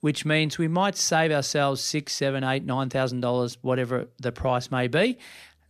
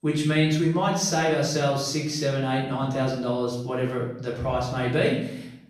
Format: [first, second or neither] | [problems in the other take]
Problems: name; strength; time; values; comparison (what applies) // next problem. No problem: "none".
first | room echo; noticeable; dies away in 0.7 s // off-mic speech; far